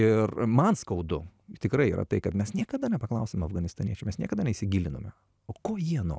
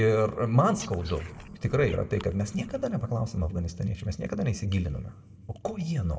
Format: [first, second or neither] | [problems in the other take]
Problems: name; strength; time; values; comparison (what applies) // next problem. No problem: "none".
first | background sound (Frog); 17 dB below the speech // room echo; dies away in 0.8 s